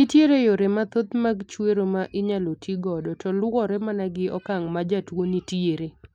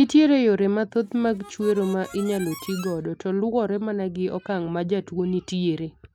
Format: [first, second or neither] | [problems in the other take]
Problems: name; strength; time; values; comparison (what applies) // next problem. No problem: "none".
first | background sound (Harmonica); 19 dB below the speech